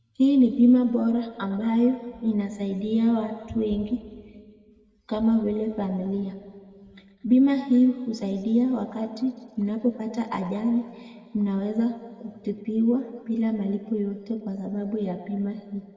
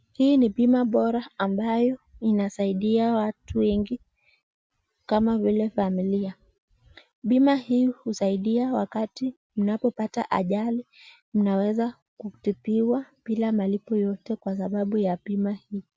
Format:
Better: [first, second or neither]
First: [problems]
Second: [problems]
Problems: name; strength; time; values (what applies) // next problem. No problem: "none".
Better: second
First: room echo; dies away in 1.9 s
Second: none